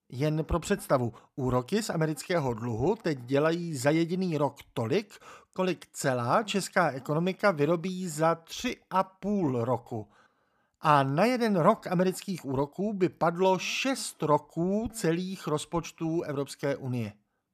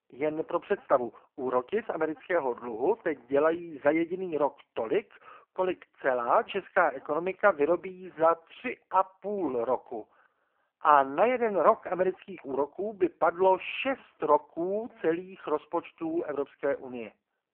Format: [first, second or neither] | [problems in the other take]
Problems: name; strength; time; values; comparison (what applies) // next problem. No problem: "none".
first | phone-call audio; poor line